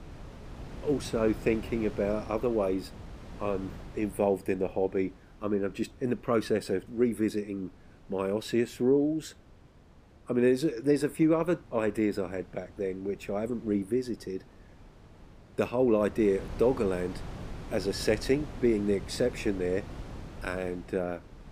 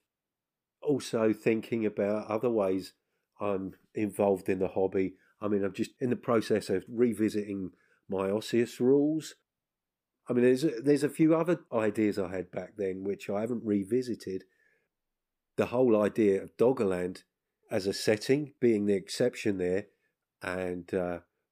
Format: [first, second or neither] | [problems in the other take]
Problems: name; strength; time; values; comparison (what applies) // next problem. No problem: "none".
second | wind noise on the microphone; occasional gusts; 20 dB below the speech